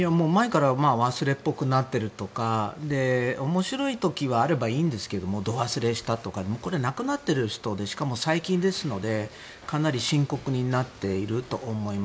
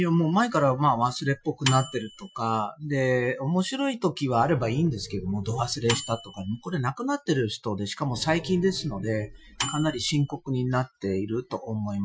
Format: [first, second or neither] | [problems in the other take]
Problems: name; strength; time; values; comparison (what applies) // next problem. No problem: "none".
first | noise reduction (classical method Wiener filter)